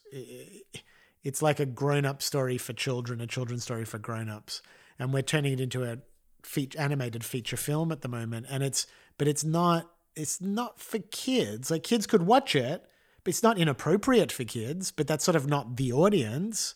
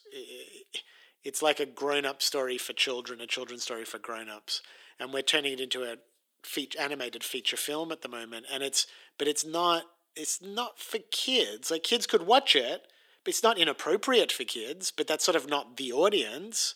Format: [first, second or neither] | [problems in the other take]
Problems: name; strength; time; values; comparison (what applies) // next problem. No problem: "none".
first | thin; somewhat; fading below 300 Hz